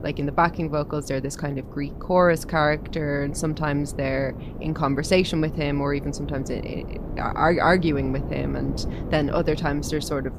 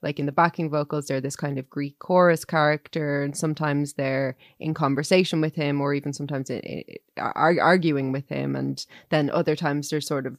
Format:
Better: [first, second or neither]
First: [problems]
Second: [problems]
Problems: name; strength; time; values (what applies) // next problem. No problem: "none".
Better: second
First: wind noise on the microphone; occasional gusts; 15 dB below the speech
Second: none